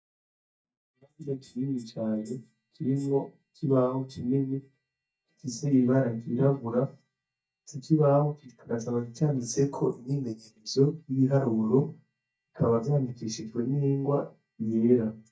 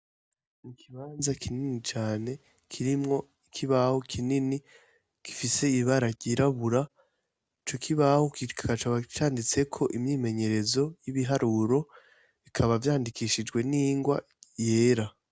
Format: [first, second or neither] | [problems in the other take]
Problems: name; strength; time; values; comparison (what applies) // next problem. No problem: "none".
second | noise reduction (neural mask model DeepFilterNet 3)